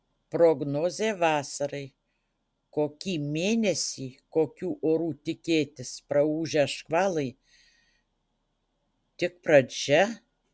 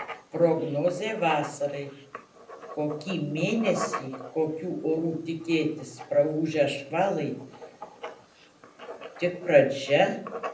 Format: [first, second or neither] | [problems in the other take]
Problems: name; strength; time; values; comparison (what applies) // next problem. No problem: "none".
first | background sound (Writing); 14 dB below the speech // room echo; dies away in 0.6 s